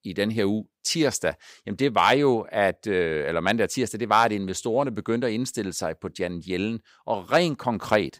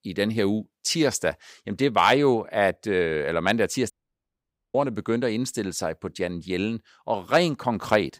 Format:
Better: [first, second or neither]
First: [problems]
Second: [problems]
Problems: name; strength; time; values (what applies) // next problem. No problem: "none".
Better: first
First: none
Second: audio cutting out; at 4 s for 1 s